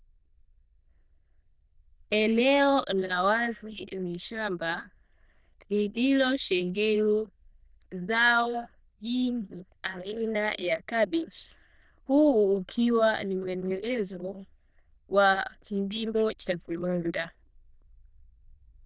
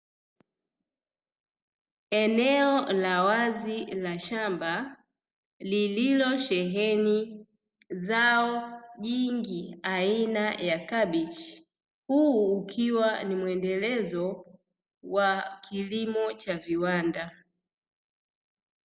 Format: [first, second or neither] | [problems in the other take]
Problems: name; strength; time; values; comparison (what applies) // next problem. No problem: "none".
second | noise reduction (neural diffusion model UNIVERSE++)